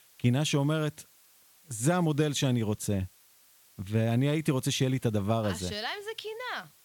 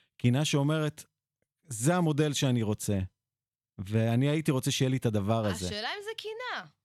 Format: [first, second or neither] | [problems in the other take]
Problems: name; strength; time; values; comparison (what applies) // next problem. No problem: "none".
second | hiss; faint; throughout; 30 dB below the speech